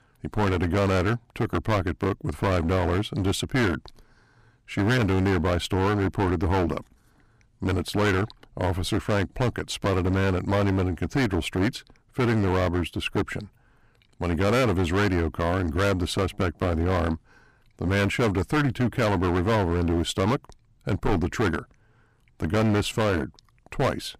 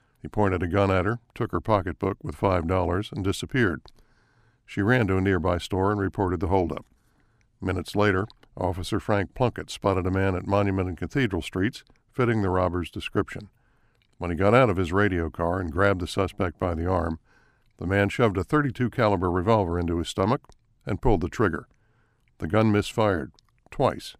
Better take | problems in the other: second | distortion; heavy; 15% of the sound clipped

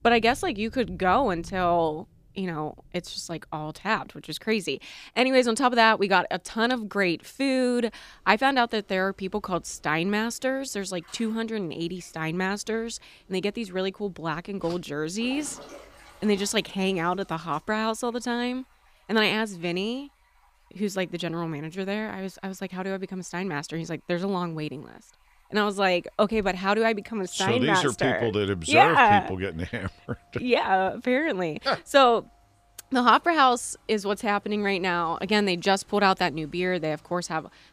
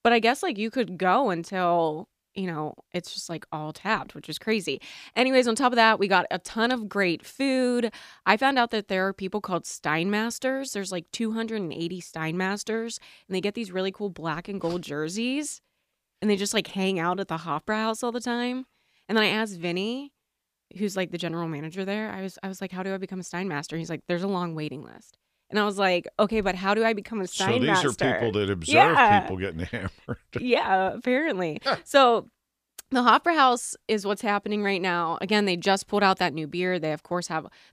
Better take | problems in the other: second | rain or running water; faint; throughout; 30 dB below the speech

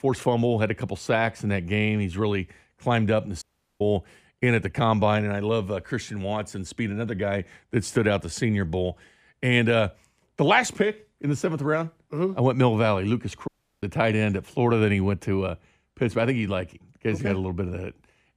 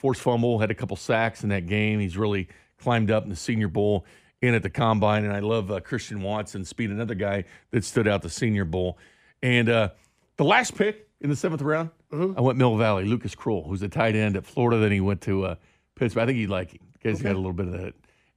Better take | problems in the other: second | audio cutting out; at 3.5 s and at 13 s

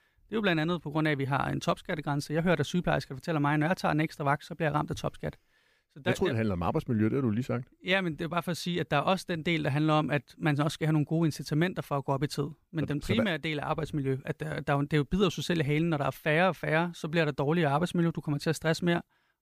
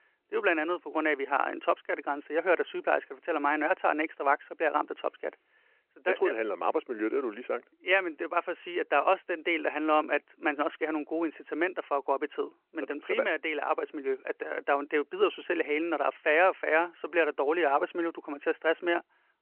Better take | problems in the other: first | phone-call audio

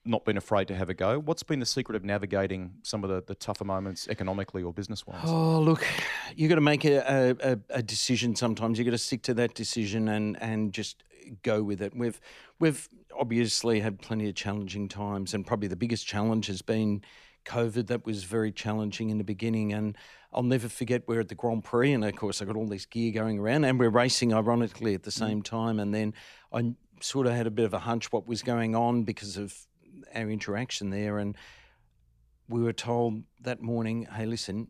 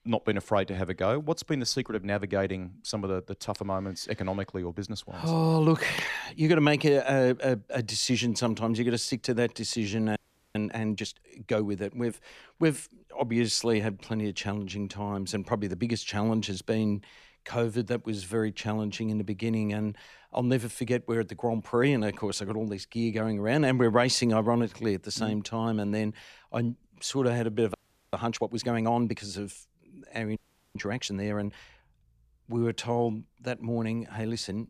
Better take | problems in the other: first | audio freezing; at 10 s, at 28 s and at 30 s

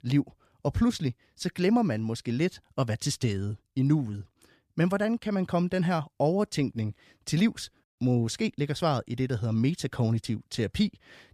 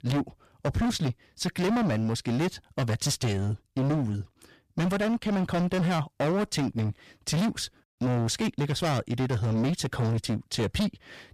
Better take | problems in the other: first | distortion; heavy; 22% of the sound clipped

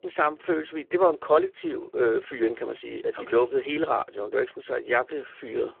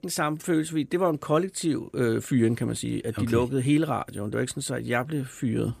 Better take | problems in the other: second | phone-call audio; poor line

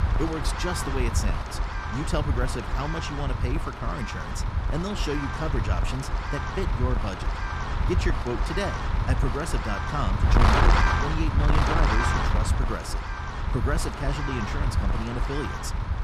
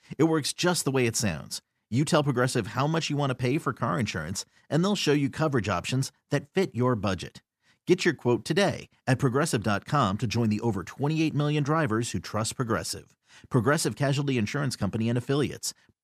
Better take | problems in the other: second | wind noise on the microphone; heavy; 4 dB above the speech

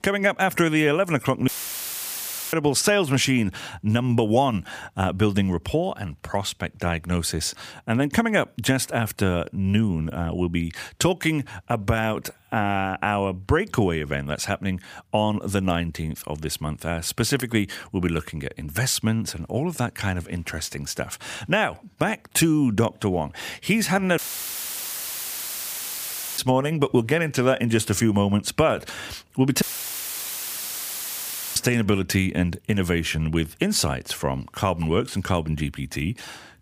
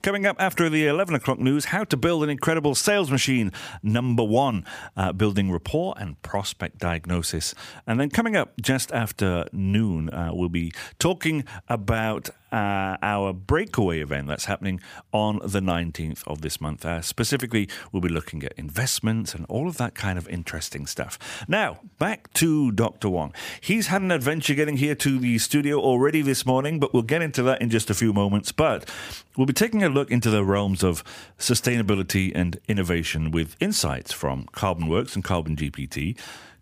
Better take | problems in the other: second | audio cutting out; filled with static; at 1.5 s for 1 s, at 24 s for 2 s and at 30 s for 2 s

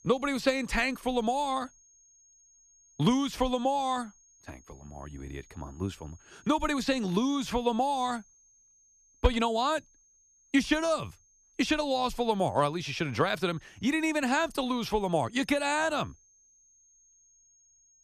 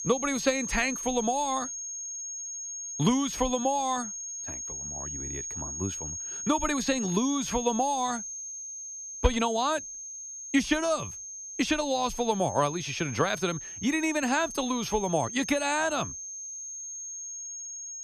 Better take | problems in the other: first | high-pitched whine; loud; throughout; 6.5 kHz, 7 dB below the speech; faint in the first

